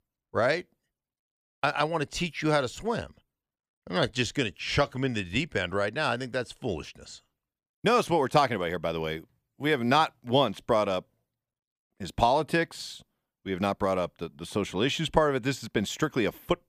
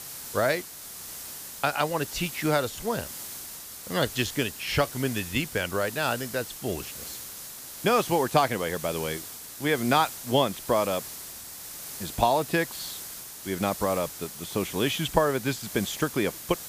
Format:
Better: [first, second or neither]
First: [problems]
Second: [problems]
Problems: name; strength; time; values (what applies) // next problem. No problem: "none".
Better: first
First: none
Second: hiss; loud; throughout; 10 dB below the speech